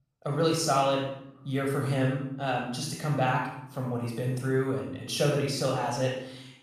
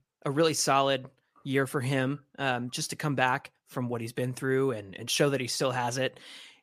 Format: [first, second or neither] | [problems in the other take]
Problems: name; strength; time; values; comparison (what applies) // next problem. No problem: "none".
second | off-mic speech; somewhat distant // room echo; noticeable; dies away in 0.7 s